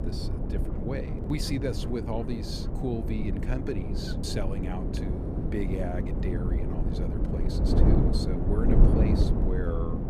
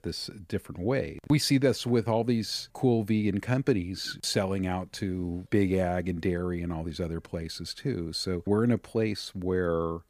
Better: second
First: wind noise on the microphone; heavy; 1 dB above the speech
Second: none

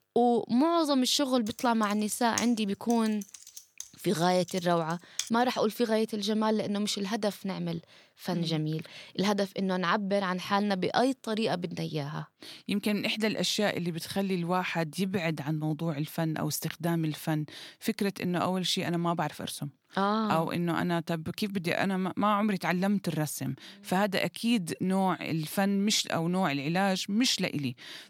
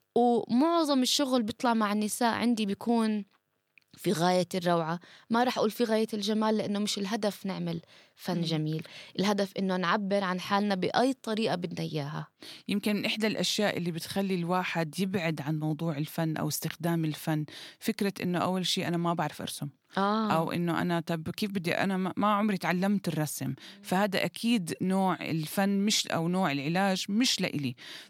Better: second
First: keyboard typing; noticeable; from 1.5 to 5.5 s; peak 6 dB below the speech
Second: none

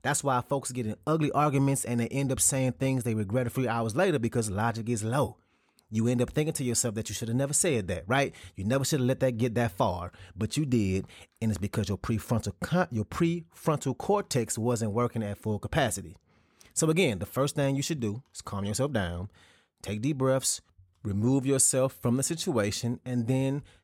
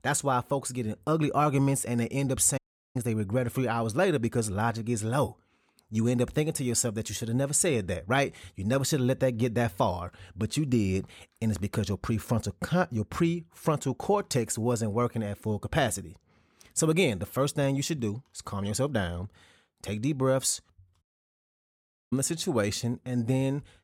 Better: first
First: none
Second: audio cutting out; at 2.5 s and at 21 s for 1 s

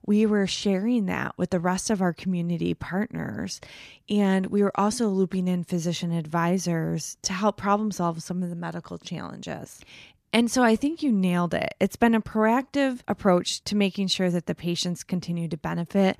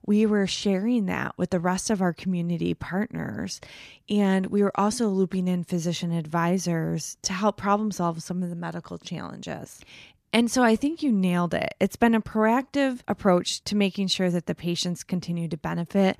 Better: neither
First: none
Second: none

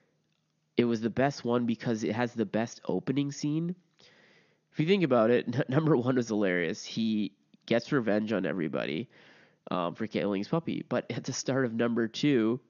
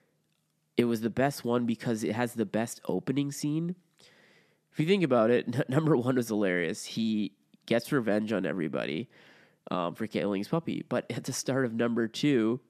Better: second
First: garbled, watery; slightly; nothing above 6.5 kHz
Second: none

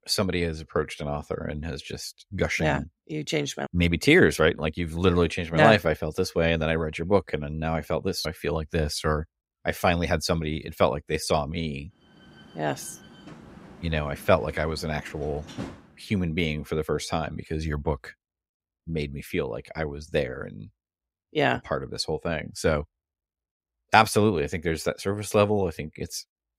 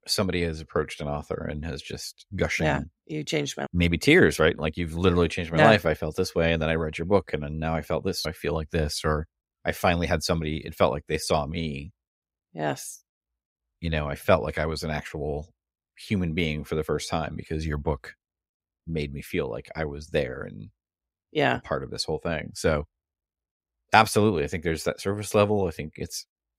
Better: second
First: door banging; faint; from 12 to 16 s; peak 10 dB below the speech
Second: none

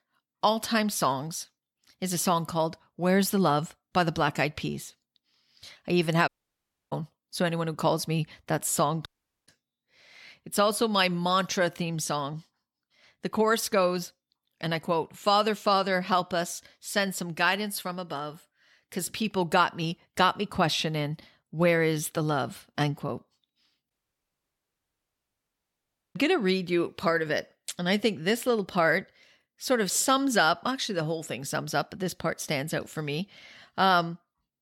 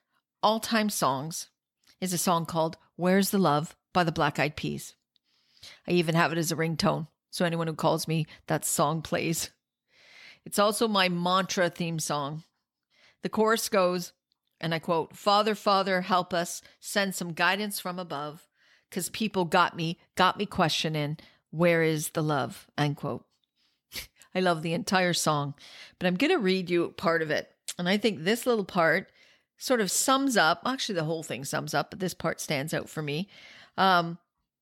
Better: second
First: audio cutting out; at 6.5 s for 0.5 s, at 9 s and at 24 s for 2.5 s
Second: none

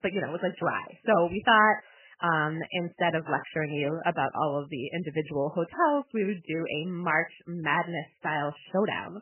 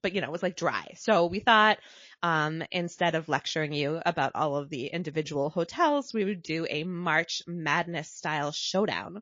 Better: second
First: garbled, watery; badly; nothing above 3 kHz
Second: garbled, watery; slightly; nothing above 6.5 kHz

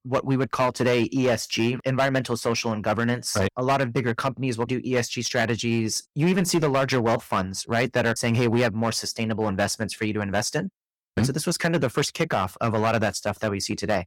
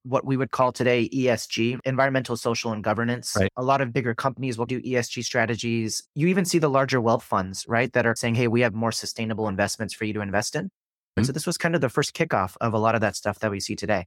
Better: second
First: distortion; slight; 7% of the sound clipped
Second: none

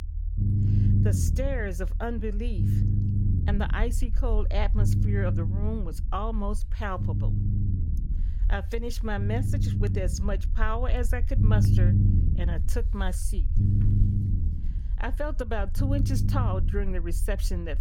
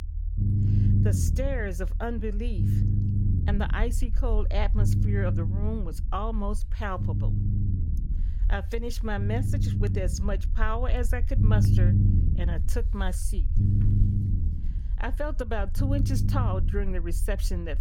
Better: neither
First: low rumble; loud; throughout; 5 dB below the speech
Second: low rumble; loud; throughout; 5 dB below the speech

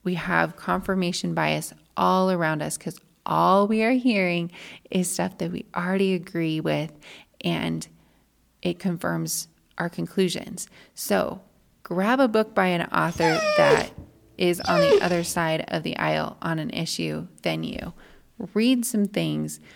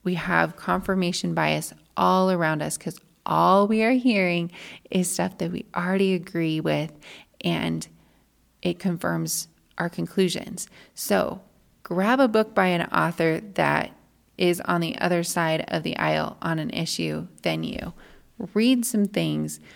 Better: second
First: dog barking; loud; from 13 to 15 s; peak 5 dB above the speech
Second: none

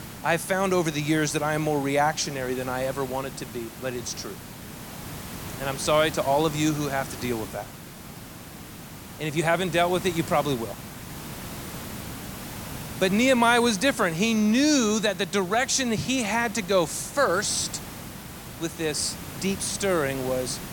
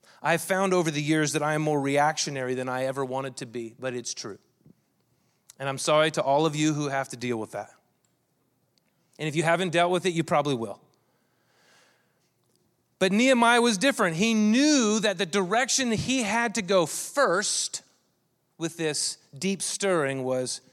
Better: second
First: hiss; noticeable; throughout; 15 dB below the speech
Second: none

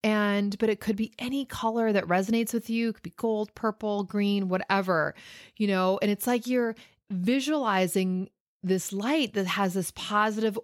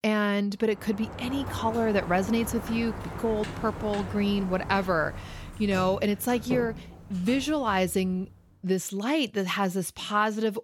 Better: first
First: none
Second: door banging; noticeable; from 1 to 8.5 s; peak 7 dB below the speech

